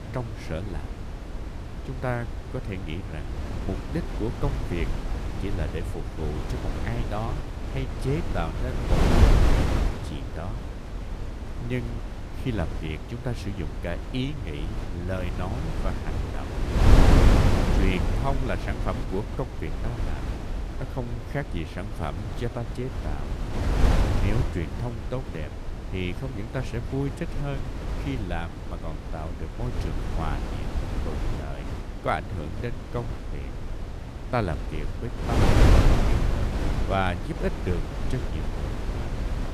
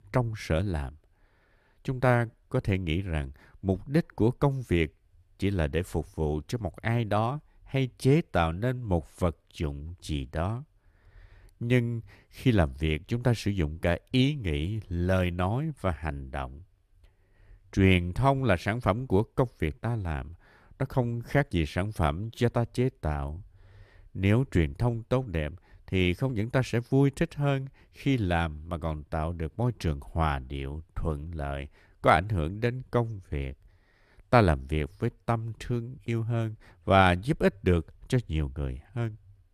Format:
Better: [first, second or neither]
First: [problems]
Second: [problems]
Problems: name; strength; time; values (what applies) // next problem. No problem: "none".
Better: second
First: wind noise on the microphone; heavy; as loud as the speech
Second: none